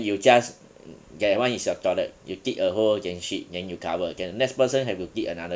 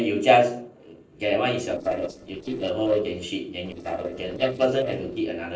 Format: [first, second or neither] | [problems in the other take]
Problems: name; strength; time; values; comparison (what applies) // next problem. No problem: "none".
first | noise reduction (neural separator model SepFormer DNS4)